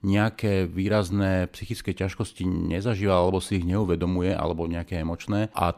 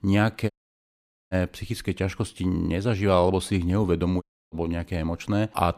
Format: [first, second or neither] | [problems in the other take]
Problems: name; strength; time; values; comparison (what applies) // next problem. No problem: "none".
first | audio cutting out; at 0.5 s for 1 s and at 4 s